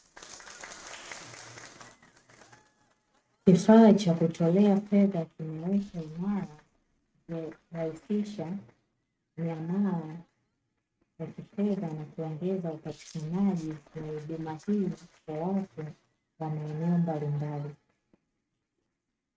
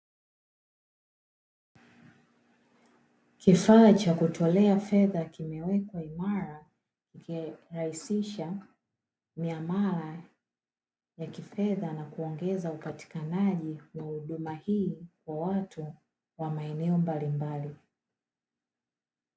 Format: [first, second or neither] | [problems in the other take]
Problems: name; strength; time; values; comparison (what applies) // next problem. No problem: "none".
second | noise reduction (neural mask model RNNoise)